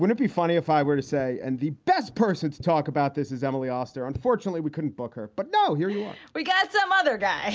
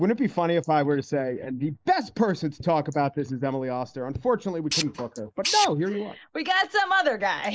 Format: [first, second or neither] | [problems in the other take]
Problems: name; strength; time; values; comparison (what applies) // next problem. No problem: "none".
first | noise reduction (neural mask model Resemble Enhance denoiser)